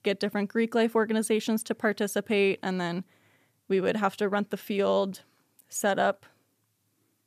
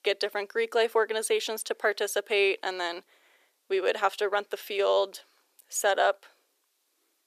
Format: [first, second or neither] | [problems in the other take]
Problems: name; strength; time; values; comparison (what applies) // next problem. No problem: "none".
first | thin; very; fading below 400 Hz